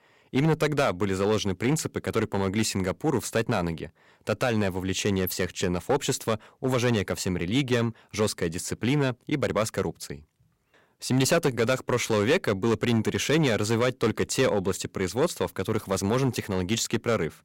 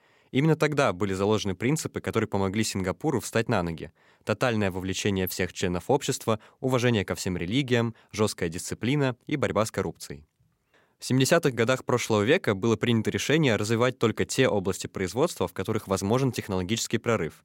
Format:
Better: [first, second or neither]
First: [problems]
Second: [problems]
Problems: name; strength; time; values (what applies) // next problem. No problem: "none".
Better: second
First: distortion; slight; 4% of the sound clipped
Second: none